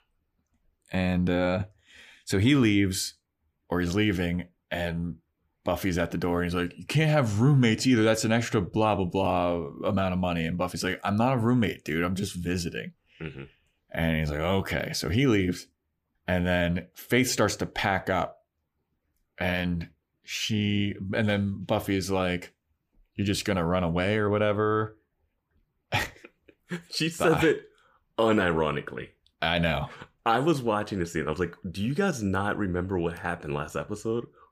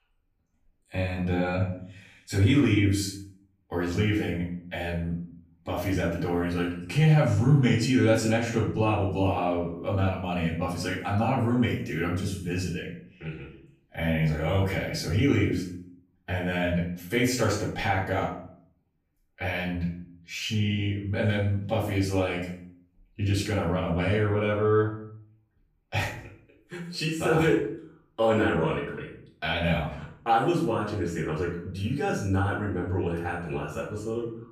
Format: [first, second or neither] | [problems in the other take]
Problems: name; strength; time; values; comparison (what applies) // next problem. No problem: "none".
first | off-mic speech; far // room echo; noticeable; dies away in 0.5 s